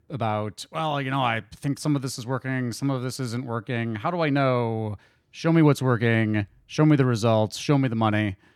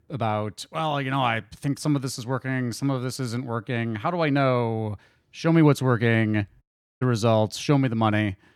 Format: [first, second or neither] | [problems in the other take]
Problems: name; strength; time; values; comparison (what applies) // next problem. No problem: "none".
first | audio cutting out; at 6.5 s